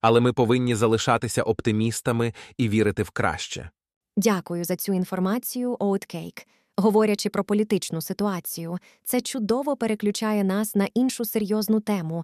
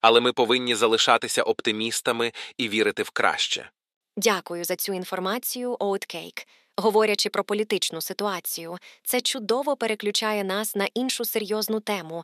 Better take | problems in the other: first | thin; somewhat; fading below 400 Hz

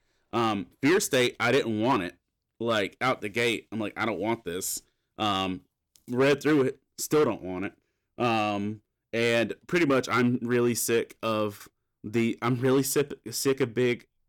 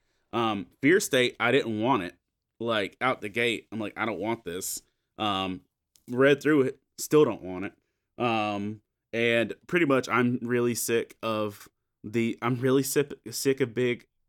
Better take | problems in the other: second | distortion; slight; 4% of the sound clipped

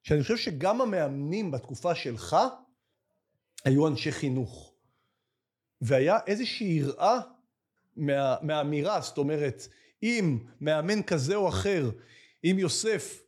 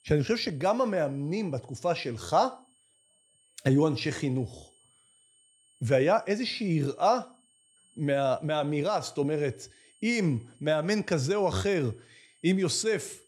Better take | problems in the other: first | high-pitched whine; faint; throughout; 8.5 kHz, 35 dB below the speech

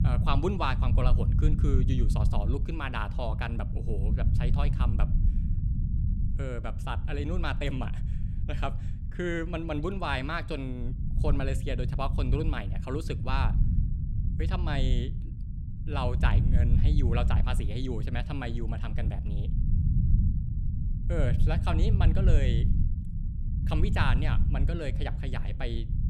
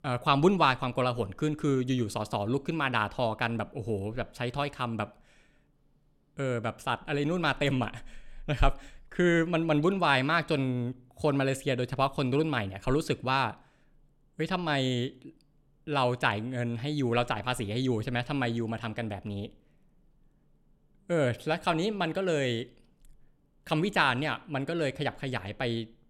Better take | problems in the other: second | low rumble; loud; throughout; 8 dB below the speech

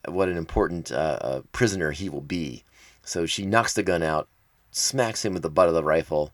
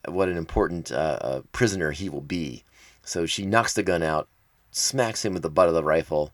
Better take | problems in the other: neither | none

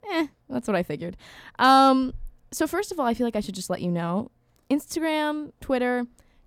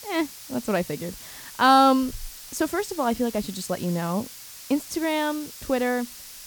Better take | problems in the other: first | hiss; noticeable; throughout; 15 dB below the speech

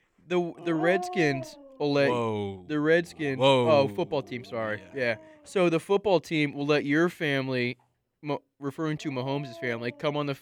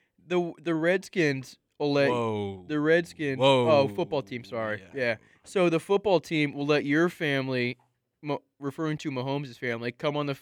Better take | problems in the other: second | animal sounds; noticeable; throughout; 15 dB below the speech

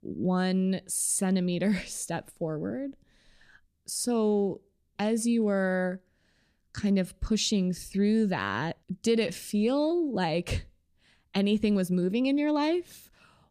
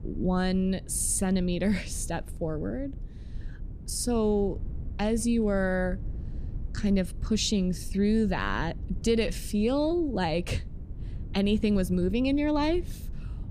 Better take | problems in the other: first | low rumble; faint; throughout; 25 dB below the speech

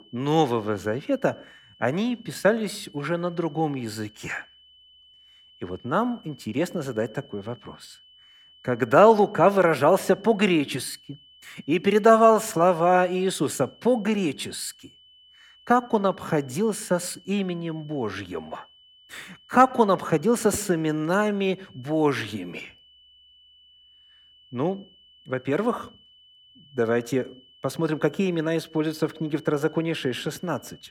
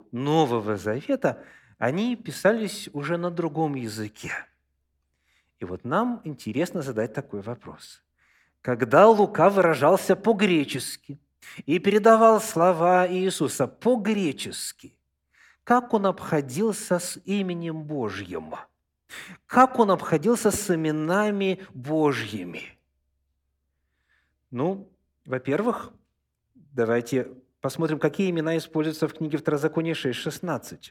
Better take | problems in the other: second | high-pitched whine; faint; throughout; 3 kHz, 30 dB below the speech

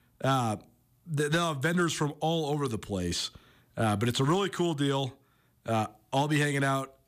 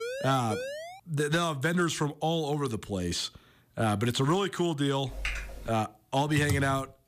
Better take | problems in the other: first | siren; noticeable; until 1 s; peak 7 dB below the speech // keyboard typing; noticeable; at 5 s and at 6.5 s; peak 5 dB below the speech

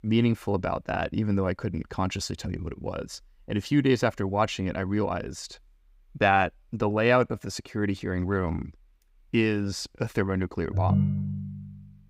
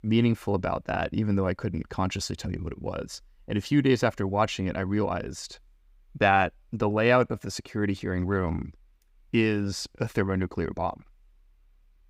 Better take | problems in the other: second | phone ringing; loud; at 11 s; peak 3 dB above the speech

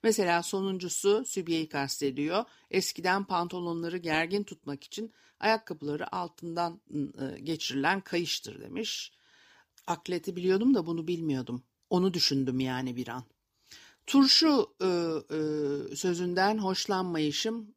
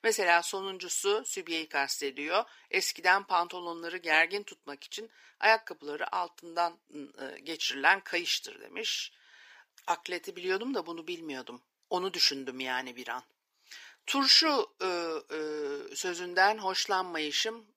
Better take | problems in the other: first | thin; very; fading below 600 Hz

